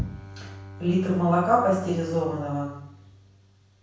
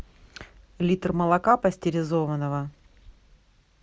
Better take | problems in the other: second | background sound (Bowed string instrument); 16 dB below the speech // room echo; dies away in 0.6 s

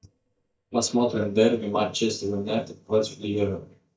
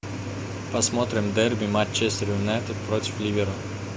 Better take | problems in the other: second | noise reduction (neural mask model DeepFilterNet 3)

